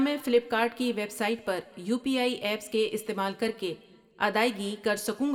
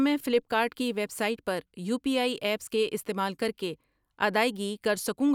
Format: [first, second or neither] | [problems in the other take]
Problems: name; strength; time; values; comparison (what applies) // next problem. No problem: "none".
second | room echo; dies away in 0.8 s